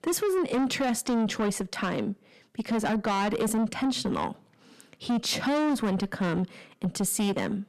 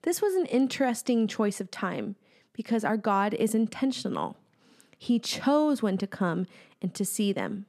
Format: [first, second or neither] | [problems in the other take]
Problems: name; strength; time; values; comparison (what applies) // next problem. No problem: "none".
second | distortion; heavy; 7 dB below the speech